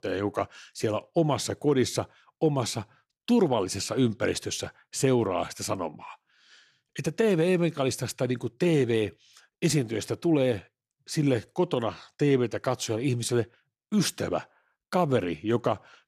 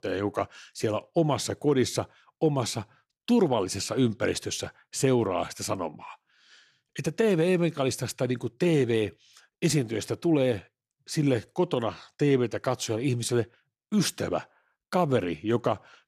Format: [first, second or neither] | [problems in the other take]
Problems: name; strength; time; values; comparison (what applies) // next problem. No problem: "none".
neither | none